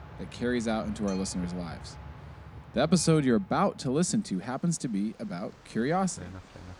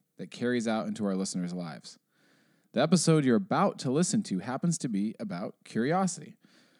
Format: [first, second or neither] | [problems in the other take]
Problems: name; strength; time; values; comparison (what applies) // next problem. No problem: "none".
second | train or aircraft noise; noticeable; throughout; 20 dB below the speech